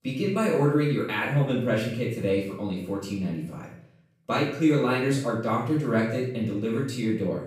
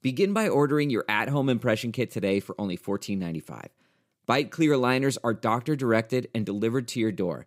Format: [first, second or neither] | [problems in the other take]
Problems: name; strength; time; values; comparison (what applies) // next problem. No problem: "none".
second | room echo; noticeable; dies away in 0.6 s // off-mic speech; far